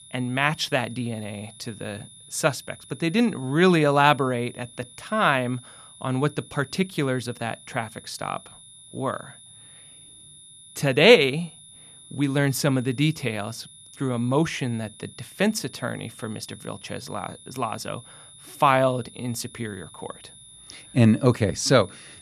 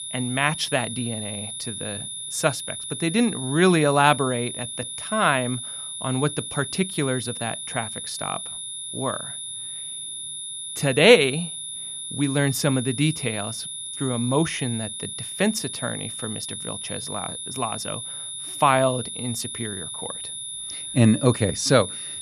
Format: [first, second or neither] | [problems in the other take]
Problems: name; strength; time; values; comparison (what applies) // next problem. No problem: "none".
first | high-pitched whine; loud; throughout; 10 kHz, 7 dB below the speech; faint in the first